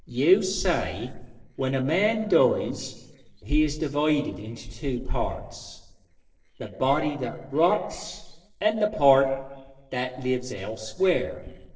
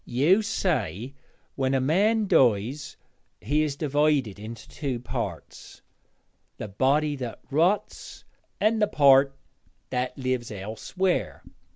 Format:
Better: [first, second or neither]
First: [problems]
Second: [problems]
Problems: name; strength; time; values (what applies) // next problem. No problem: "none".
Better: second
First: noise reduction (neural separator model SepFormer DNS4)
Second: none